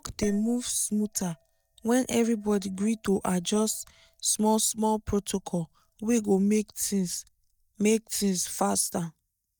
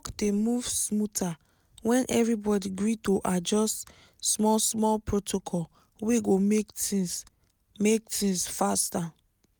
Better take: second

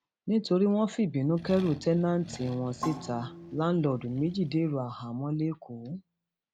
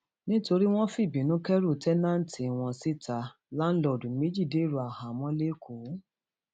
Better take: second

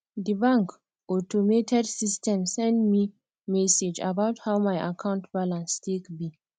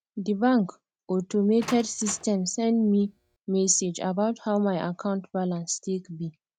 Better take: first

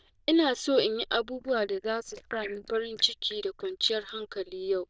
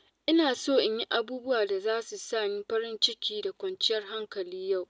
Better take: second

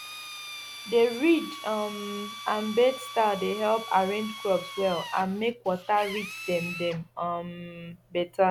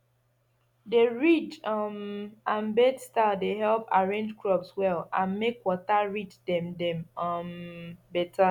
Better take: second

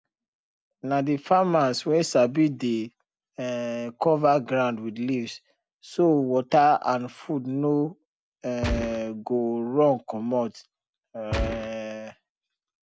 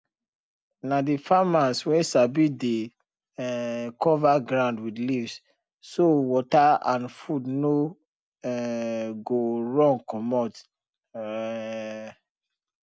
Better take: second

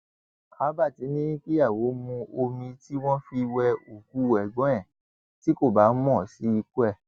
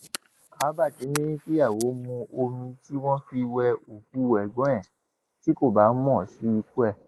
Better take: first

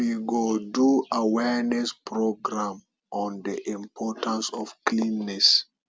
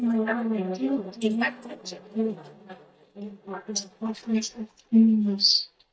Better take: first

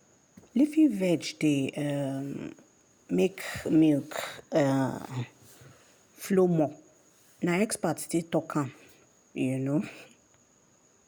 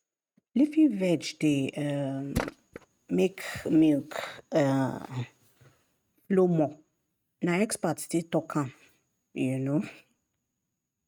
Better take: first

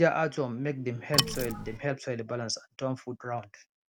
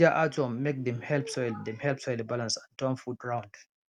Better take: second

